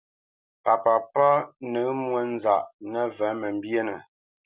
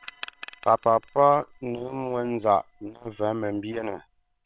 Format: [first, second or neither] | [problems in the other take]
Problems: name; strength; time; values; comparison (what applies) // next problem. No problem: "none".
first | noise reduction (neural separator model SepFormer WHAM!)